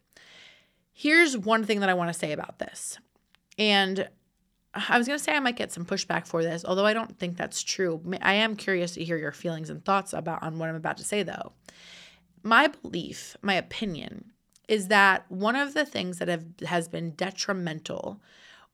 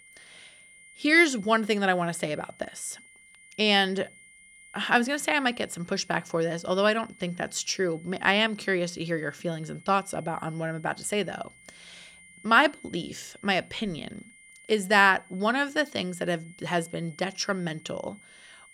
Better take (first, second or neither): first